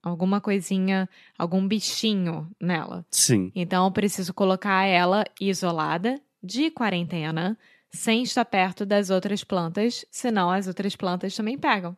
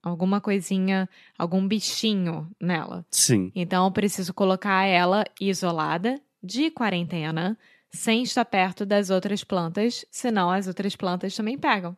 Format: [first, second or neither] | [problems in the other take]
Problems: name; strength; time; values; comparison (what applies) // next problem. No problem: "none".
neither | none